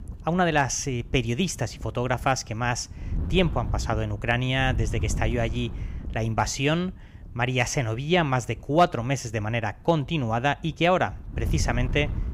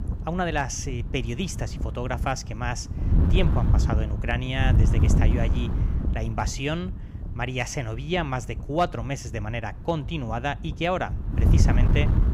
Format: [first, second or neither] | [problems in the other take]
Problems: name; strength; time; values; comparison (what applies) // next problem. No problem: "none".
first | wind noise on the microphone; heavy; 8 dB below the speech; occasional gusts in the first